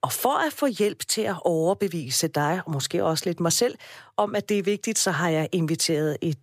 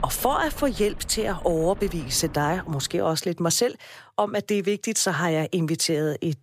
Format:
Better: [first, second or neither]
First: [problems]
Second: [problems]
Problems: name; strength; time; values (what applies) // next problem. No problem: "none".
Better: first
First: none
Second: rain or running water; noticeable; until 2.5 s; 15 dB below the speech